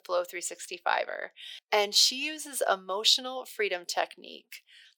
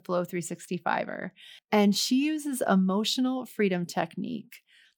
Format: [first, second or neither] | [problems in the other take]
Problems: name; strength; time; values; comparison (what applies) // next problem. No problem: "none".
second | thin; very; fading below 450 Hz